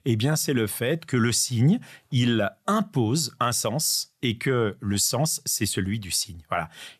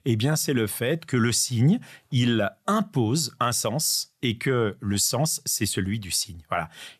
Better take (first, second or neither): neither